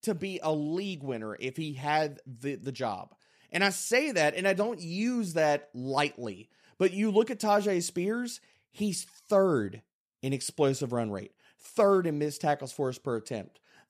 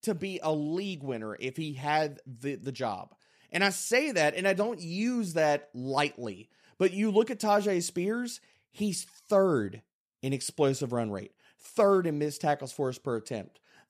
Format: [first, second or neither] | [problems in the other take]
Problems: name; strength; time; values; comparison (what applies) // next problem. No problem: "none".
neither | none